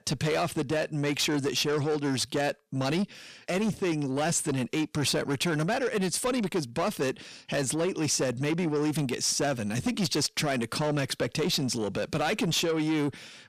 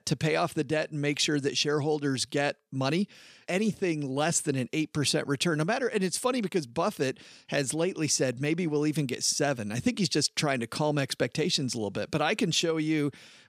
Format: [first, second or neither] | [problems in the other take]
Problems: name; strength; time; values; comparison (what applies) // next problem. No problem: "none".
second | distortion; slight; 10 dB below the speech